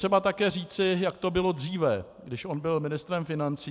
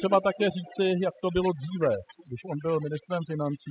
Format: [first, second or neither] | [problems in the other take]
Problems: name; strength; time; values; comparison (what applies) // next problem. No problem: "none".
first | noise reduction (classical method spectral subtraction)